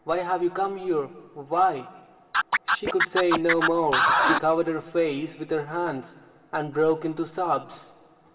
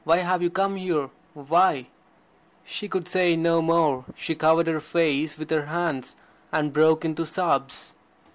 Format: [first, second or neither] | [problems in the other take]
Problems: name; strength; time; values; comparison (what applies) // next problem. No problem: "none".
second | background sound (Scratching (performance technique)); 2 dB above the speech // room echo; dies away in 2.4 s